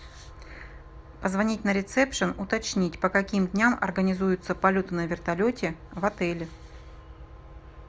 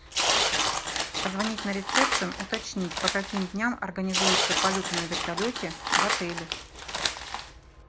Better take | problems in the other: first | background sound (Tearing); 4 dB above the speech

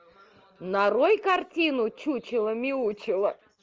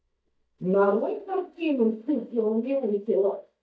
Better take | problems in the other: first | noise reduction (neural mask model DeepFilterNet 3)

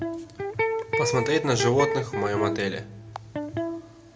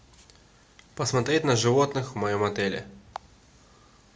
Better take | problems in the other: second | background sound (Electric guitar); 1 dB below the speech

